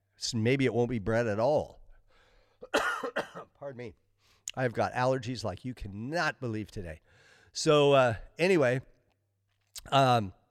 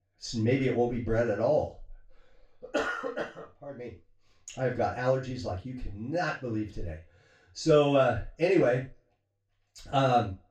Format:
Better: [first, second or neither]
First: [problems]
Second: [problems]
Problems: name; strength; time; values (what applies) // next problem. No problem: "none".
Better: first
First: none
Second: room echo; slight; dies away in 0.3 s // off-mic speech; far